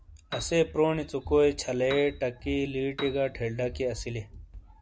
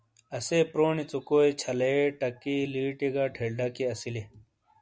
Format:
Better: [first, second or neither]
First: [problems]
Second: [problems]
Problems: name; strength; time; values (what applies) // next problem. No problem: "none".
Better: second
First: background sound (Run + Piano); 14 dB below the speech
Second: none